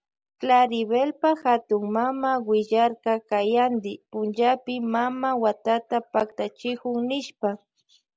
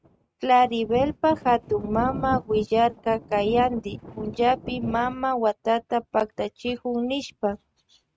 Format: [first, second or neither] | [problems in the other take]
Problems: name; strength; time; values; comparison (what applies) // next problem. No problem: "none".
first | noise reduction (neural mask model RNNoise)